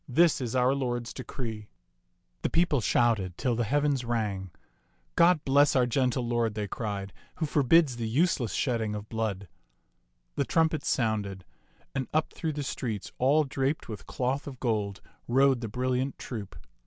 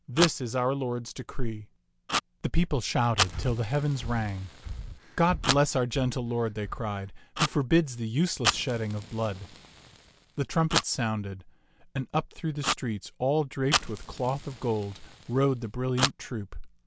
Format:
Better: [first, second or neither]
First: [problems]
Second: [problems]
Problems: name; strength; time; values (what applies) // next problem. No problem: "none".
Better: first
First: none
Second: background sound (Fire + Breathing); 7 dB below the speech